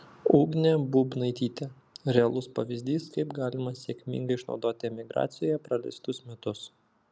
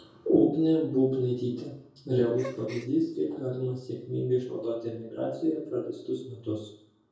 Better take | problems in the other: first | background sound (Gasp); 19 dB below the speech // room echo; dies away in 0.6 s

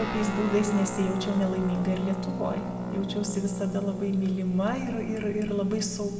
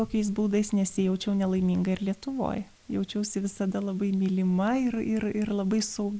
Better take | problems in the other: second | background sound (Guitar); 6 dB below the speech // room echo; dies away in 1.8 s

